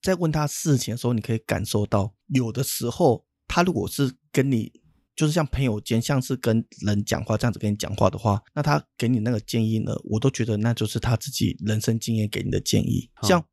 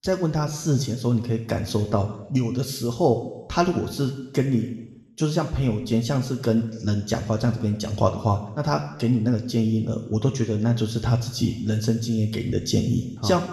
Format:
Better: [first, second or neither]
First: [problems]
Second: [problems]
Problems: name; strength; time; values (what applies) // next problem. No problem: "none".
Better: first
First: none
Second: room echo; slight; dies away in 0.9 s